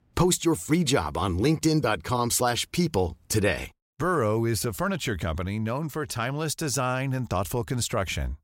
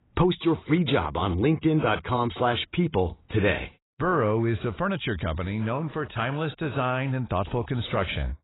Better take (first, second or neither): first